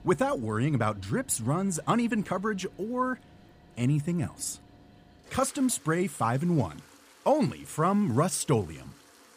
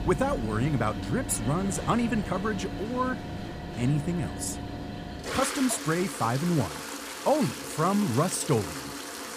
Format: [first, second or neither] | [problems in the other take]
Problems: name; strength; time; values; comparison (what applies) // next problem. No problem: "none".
first | household noises; loud; throughout; 7 dB below the speech; faint in the first